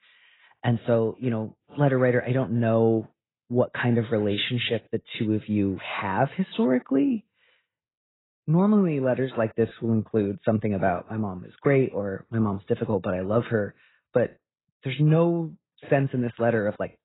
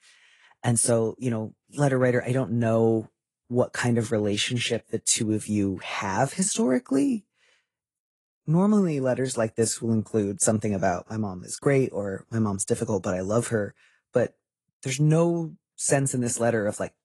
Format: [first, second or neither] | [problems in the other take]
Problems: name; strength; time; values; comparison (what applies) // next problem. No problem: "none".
second | garbled, watery; badly; nothing above 4 kHz; slightly in the second